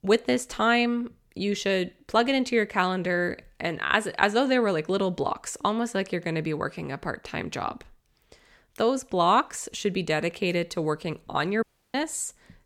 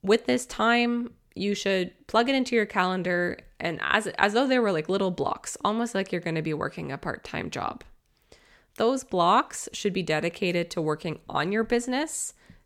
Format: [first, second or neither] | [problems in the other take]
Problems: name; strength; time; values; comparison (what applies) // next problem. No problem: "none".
second | audio cutting out; at 12 s